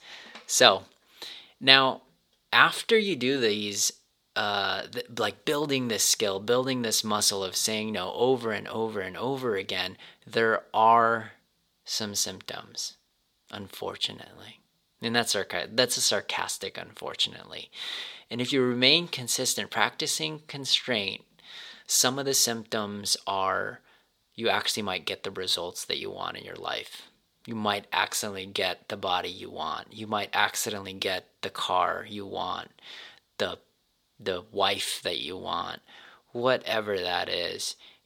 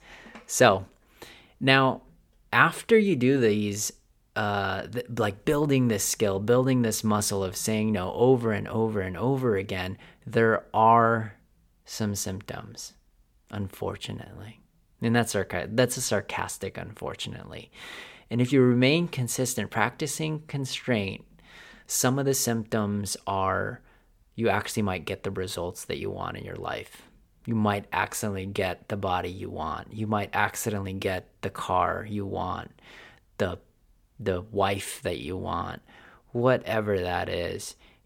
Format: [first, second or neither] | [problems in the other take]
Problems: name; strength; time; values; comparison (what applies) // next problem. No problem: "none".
second | thin; very slightly; fading below 500 Hz